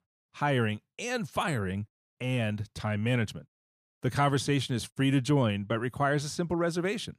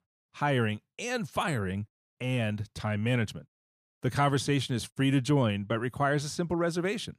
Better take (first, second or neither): neither